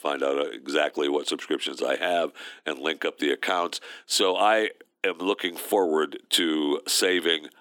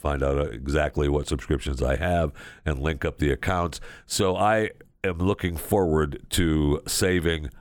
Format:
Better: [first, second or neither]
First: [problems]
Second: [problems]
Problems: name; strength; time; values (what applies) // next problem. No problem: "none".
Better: second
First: thin; somewhat; fading below 250 Hz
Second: none